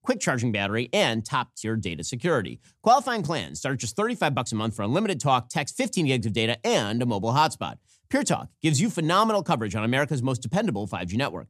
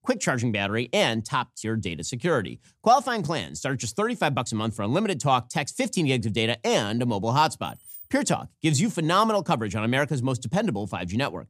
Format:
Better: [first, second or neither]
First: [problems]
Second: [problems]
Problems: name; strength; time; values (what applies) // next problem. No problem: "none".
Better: first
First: none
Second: jangling keys; faint; at 7.5 s; peak 15 dB below the speech